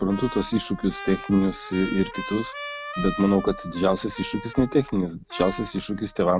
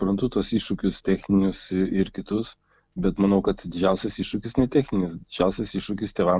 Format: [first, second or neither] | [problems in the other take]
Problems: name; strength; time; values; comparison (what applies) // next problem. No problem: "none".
second | background sound (Trumpet); 13 dB below the speech